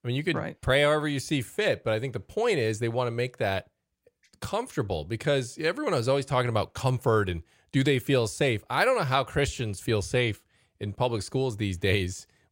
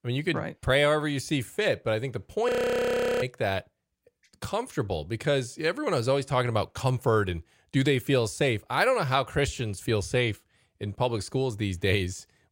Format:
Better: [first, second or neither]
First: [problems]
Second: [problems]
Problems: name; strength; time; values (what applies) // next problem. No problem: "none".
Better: first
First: none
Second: audio freezing; at 2.5 s for 0.5 s